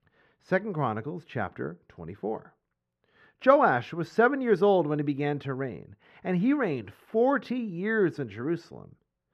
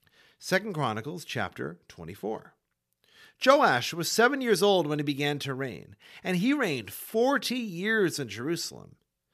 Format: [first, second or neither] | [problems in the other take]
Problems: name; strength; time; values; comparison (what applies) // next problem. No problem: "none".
second | muffled; very; fading above 3.5 kHz